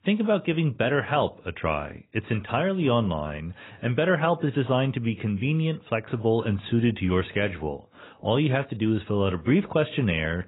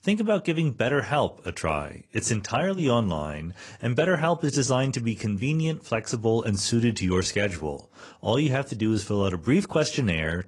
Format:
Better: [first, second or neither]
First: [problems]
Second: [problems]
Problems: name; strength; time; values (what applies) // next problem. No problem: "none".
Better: second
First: garbled, watery; badly; nothing above 4 kHz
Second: garbled, watery; slightly